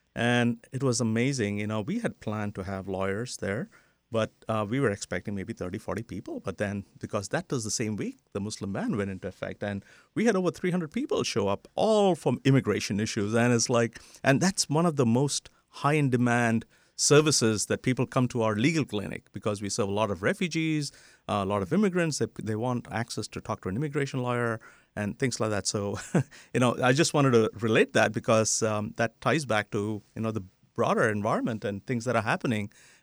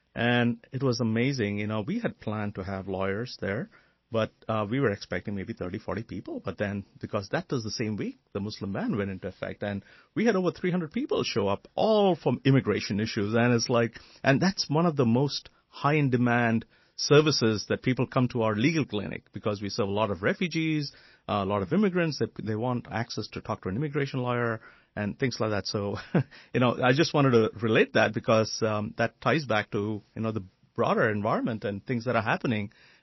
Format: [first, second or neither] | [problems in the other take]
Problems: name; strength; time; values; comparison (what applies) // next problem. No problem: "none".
first | garbled, watery; slightly; nothing above 5.5 kHz